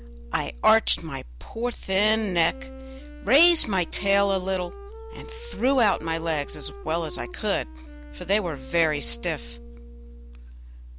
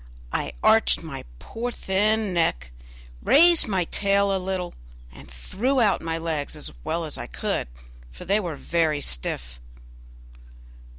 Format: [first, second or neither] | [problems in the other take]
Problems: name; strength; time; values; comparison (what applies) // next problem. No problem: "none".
second | background sound (Wind instrument, woodwind instrument); 17 dB below the speech